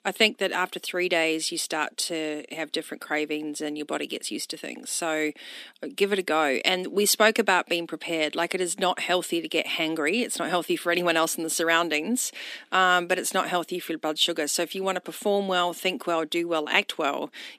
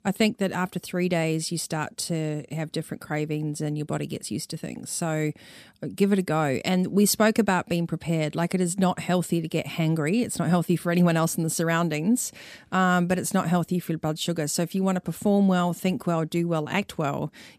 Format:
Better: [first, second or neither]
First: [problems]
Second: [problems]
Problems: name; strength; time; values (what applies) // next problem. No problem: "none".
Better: second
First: thin; somewhat; fading below 250 Hz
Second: none